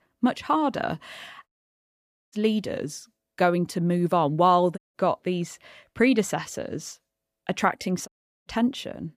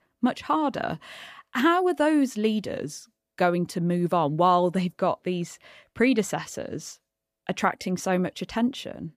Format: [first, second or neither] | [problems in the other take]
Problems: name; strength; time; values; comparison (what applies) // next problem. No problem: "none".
second | audio cutting out; at 1.5 s for 1 s, at 5 s and at 8 s